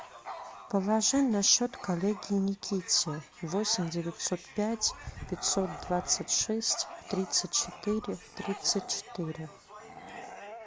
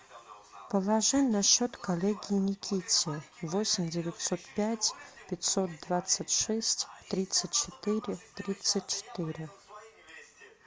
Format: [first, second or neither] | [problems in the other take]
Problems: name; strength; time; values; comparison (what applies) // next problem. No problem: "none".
second | background sound (Bark / Growling); 15 dB below the speech